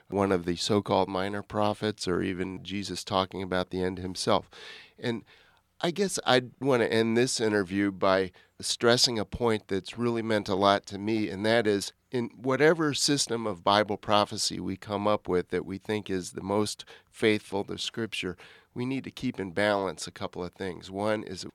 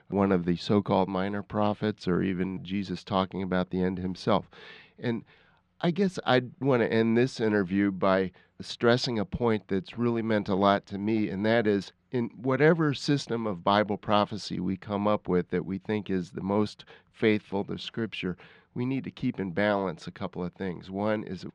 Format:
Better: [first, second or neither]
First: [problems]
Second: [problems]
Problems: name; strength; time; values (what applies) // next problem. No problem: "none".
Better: first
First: none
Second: muffled; slightly; fading above 3 kHz